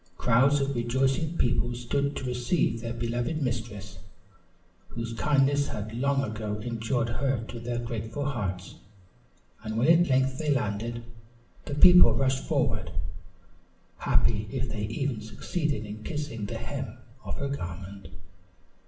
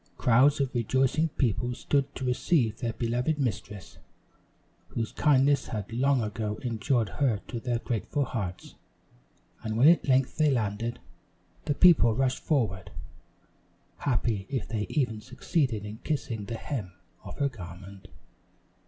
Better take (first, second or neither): second